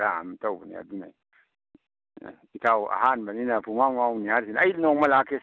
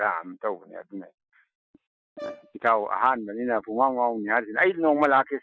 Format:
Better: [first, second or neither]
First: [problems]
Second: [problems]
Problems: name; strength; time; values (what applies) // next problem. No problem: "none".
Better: first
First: none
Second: noise reduction (classical method Wiener filter)